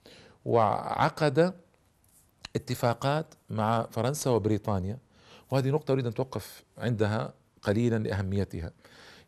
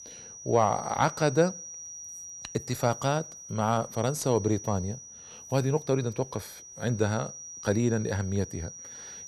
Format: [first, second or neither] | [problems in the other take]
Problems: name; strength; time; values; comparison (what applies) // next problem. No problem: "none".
first | high-pitched whine; noticeable; throughout; 6 kHz, 10 dB below the speech